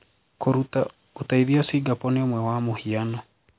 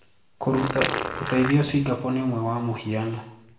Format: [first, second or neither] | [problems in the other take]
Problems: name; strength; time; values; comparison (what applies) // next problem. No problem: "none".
first | background sound (Fart); 4 dB below the speech // room echo; dies away in 0.7 s